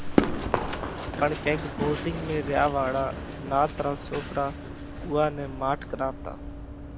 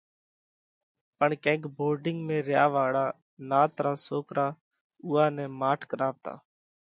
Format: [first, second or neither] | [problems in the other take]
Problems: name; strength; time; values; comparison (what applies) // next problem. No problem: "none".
second | background sound (Run); 3 dB below the speech